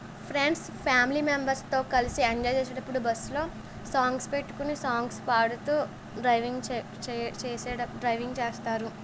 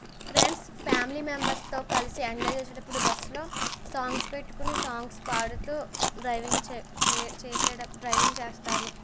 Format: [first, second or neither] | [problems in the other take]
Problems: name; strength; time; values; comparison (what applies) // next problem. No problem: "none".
first | background sound (Chewing, mastication); 4 dB above the speech